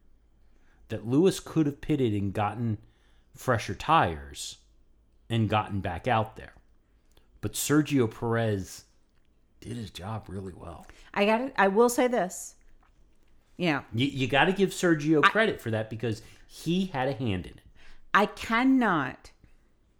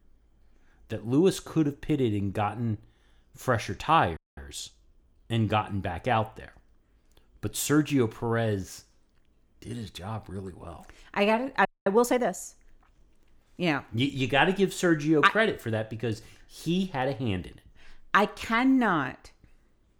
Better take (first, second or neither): first